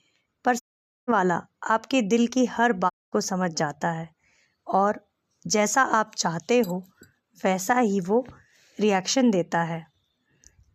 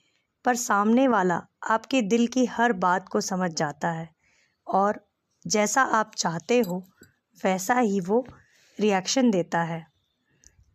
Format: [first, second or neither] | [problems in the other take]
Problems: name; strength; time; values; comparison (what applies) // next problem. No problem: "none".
second | audio cutting out; at 0.5 s and at 3 s